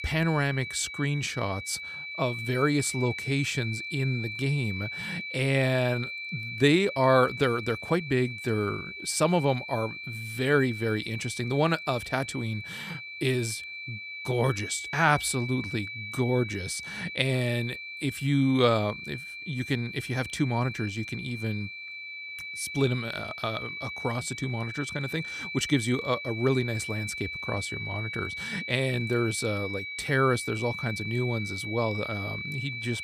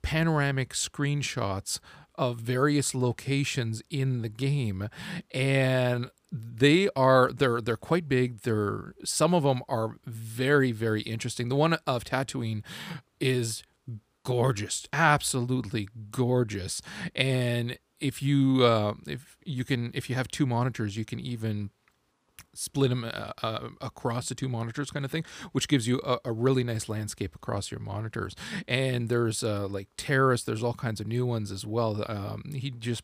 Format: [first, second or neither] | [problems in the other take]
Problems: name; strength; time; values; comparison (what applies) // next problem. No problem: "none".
second | high-pitched whine; loud; throughout; 2.5 kHz, 7 dB below the speech